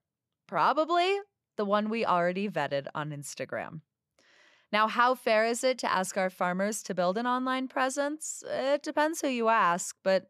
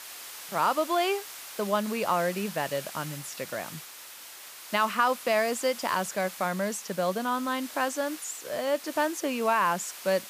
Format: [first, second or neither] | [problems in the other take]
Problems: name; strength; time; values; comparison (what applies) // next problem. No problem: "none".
first | hiss; noticeable; throughout; 10 dB below the speech